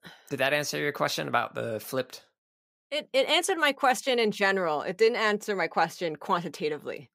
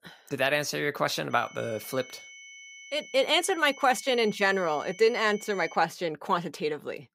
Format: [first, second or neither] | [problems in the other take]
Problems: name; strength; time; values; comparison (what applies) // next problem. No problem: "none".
first | high-pitched whine; noticeable; from 1.5 to 6 s; 2 kHz, 20 dB below the speech